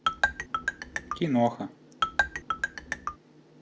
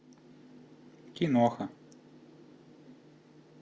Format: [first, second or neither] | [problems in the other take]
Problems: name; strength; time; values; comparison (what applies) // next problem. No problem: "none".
second | background sound (Marimba, xylophone); 3 dB above the speech